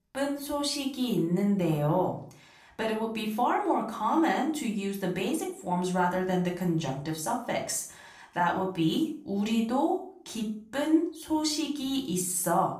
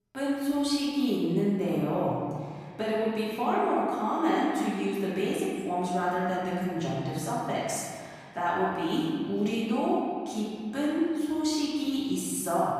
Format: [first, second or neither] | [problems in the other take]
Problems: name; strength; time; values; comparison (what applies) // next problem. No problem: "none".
first | room echo; strong; dies away in 1.9 s; slight in the first // off-mic speech; far; somewhat distant in the first